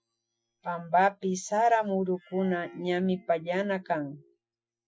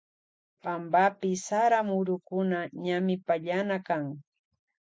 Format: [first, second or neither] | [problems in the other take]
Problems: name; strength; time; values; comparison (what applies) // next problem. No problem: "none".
second | noise reduction (classical method Wiener filter)